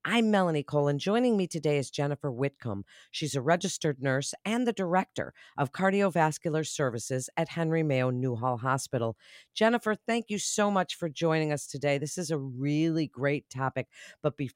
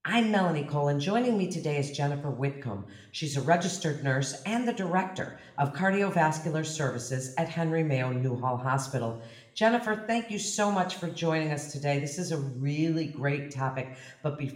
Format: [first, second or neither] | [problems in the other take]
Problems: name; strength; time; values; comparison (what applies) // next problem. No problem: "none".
first | room echo; slight; dies away in 0.7 s